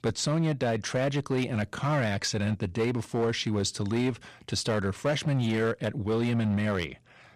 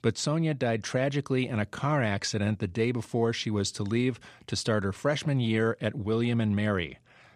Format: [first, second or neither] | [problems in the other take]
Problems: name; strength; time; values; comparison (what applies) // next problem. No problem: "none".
second | distortion; slight; 8% of the sound clipped